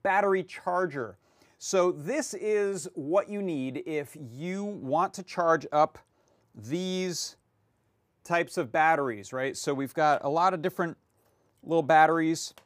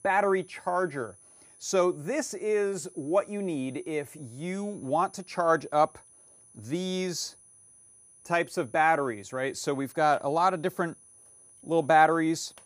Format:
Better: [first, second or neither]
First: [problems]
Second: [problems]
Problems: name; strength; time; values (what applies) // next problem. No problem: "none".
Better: first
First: none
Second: high-pitched whine; faint; throughout; 10 kHz, 25 dB below the speech